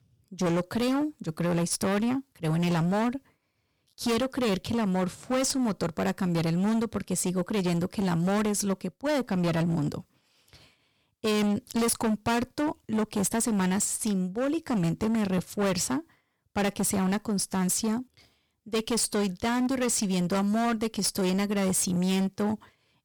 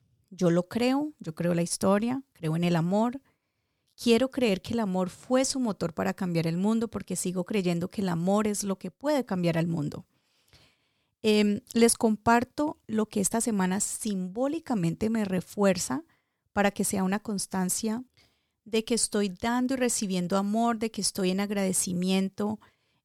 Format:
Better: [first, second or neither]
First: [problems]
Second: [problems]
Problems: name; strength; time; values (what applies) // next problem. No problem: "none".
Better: second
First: distortion; heavy; 20% of the sound clipped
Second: none